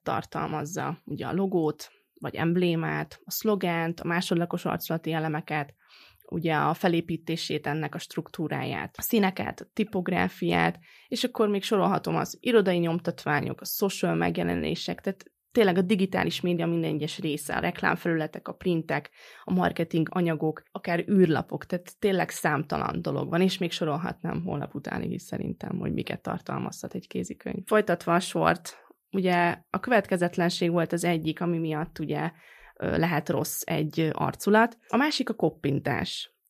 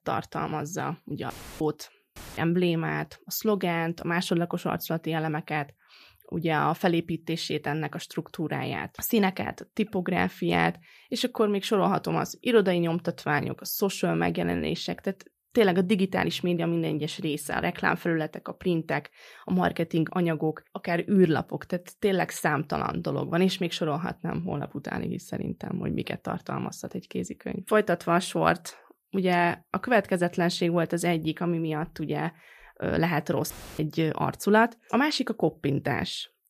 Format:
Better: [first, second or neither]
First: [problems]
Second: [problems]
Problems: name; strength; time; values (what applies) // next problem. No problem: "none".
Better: first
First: none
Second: audio cutting out; filled with static; at 1.5 s, at 2 s and at 34 s